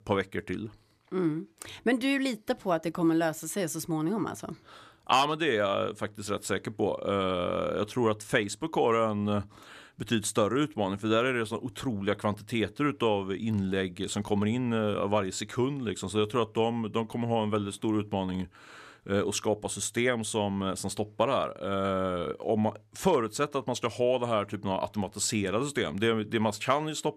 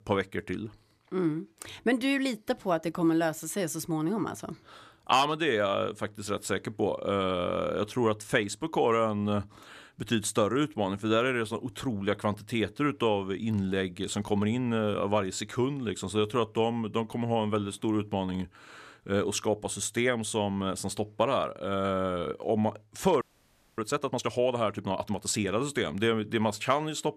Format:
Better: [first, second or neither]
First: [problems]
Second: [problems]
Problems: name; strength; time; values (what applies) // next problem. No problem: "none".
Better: first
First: none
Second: audio freezing; at 23 s for 0.5 s